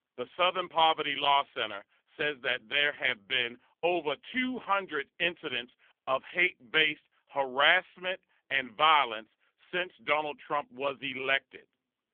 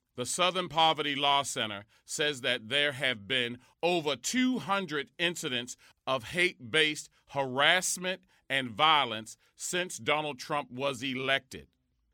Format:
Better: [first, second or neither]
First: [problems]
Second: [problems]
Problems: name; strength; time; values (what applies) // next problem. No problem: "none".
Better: second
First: phone-call audio; poor line; nothing above 3.5 kHz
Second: none